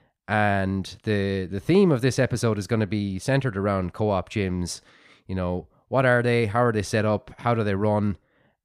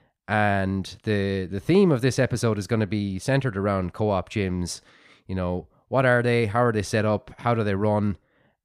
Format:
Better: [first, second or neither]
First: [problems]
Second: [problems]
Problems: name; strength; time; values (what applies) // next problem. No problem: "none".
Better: neither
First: none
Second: none